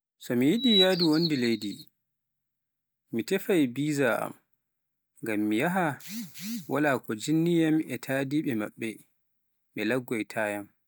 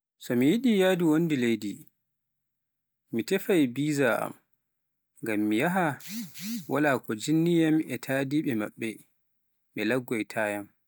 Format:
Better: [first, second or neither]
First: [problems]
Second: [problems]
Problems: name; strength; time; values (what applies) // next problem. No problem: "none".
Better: second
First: background sound (Bird vocalization, bird call, bird song); 2 dB below the speech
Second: none